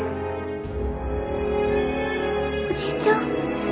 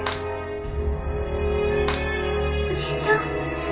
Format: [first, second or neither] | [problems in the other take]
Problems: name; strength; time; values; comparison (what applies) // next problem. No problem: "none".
first | background sound (Clapping); 16 dB below the speech // room echo; dies away in 0.3 s